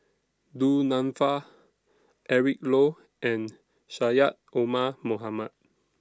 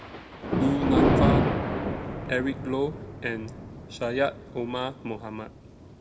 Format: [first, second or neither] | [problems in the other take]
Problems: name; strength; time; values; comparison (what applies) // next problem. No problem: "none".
first | background sound (Thunder); 3 dB above the speech // room echo; dies away in 0.4 s